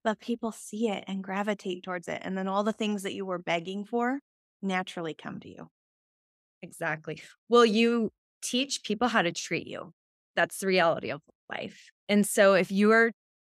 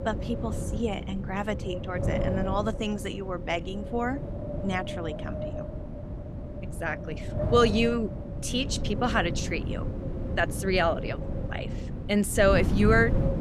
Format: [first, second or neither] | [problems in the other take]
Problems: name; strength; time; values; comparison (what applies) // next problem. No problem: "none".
first | wind noise on the microphone; heavy; 10 dB below the speech